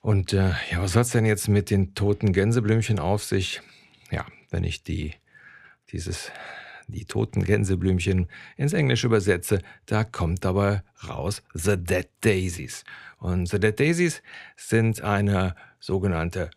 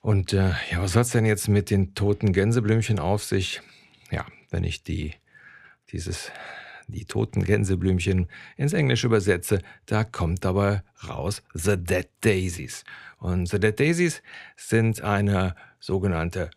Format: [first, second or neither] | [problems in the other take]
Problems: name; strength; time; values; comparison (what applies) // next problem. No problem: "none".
neither | none